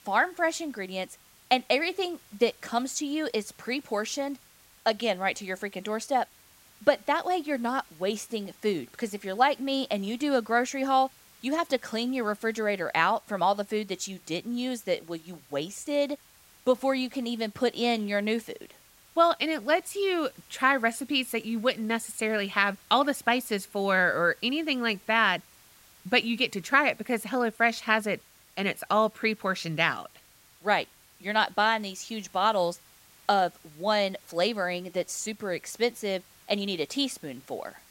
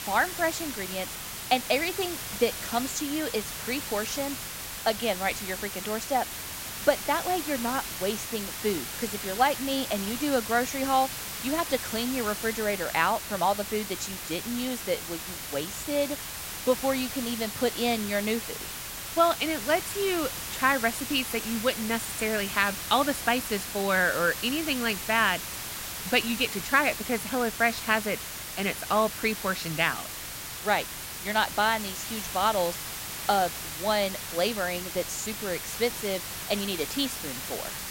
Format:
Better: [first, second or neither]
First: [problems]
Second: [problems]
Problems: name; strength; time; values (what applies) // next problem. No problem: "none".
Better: first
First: hiss; faint; throughout; 25 dB below the speech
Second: hiss; loud; throughout; 6 dB below the speech